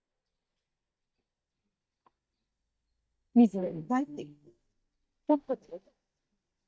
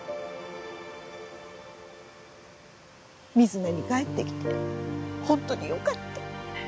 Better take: second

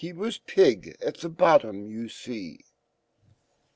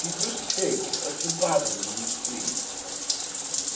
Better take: first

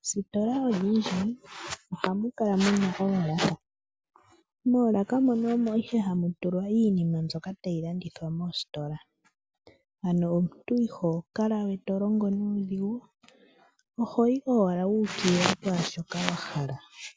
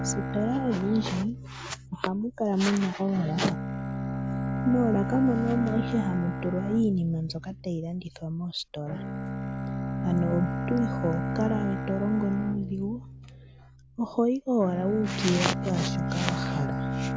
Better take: first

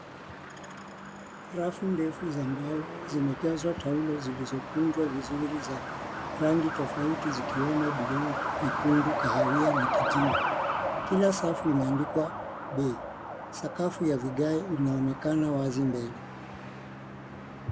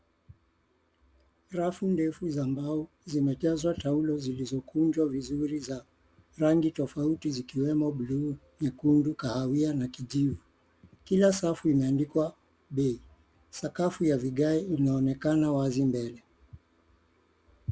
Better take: second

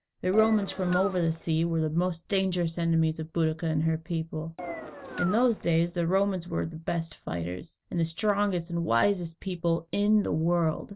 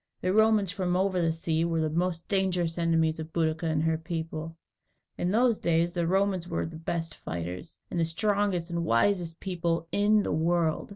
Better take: second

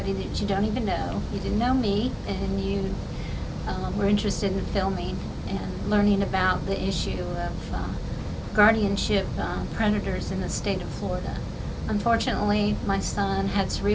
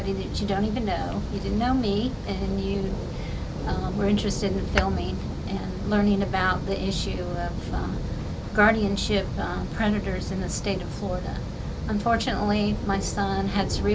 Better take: first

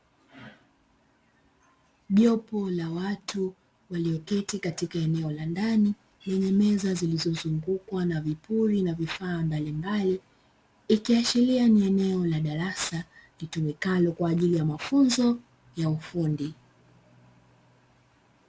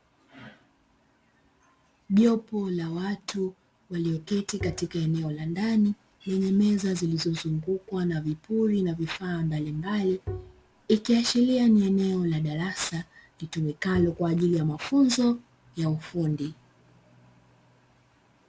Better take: first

